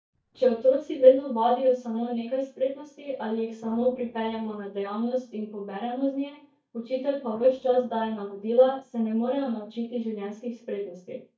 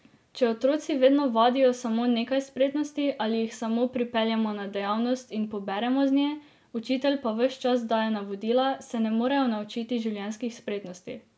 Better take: second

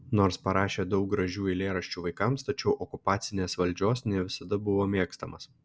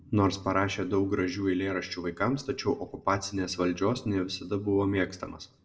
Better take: first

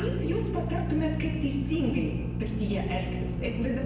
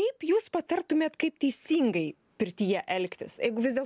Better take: second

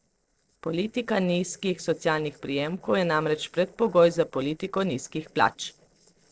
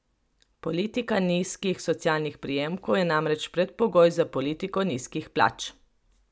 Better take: second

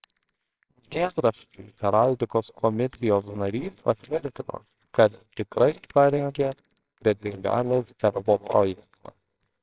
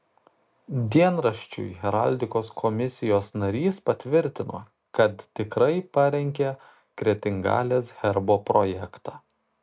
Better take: second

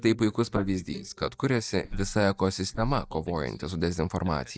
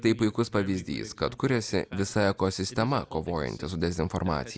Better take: second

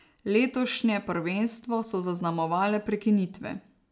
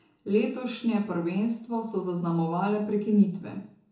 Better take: first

